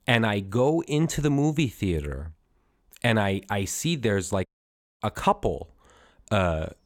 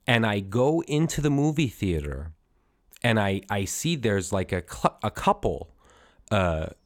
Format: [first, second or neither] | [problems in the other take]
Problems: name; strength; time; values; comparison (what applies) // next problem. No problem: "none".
second | audio cutting out; at 4.5 s for 0.5 s